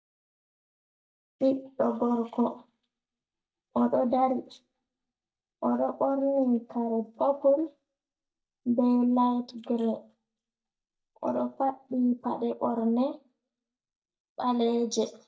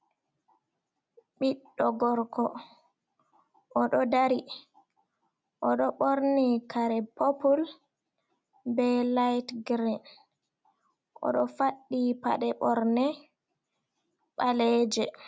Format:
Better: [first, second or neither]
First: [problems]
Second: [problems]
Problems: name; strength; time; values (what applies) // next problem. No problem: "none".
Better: second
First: noise reduction (neural mask model DeepFilterNet 3)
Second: none